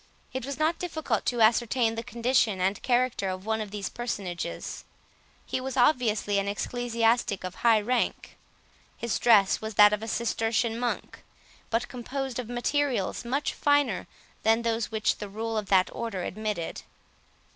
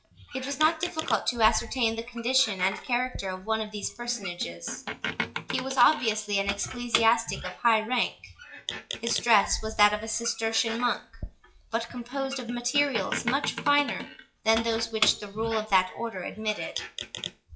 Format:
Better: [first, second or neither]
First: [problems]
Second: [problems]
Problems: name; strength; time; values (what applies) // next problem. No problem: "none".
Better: first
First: none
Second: noise reduction (classical method WPE with log-MMSE)